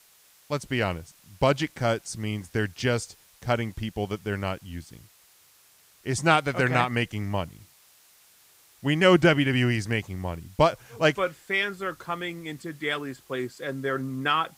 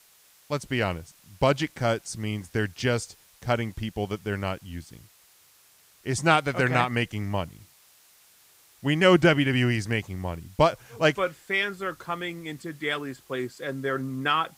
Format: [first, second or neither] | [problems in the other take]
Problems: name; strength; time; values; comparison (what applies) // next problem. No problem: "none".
neither | hiss; faint; throughout; 30 dB below the speech; the same in both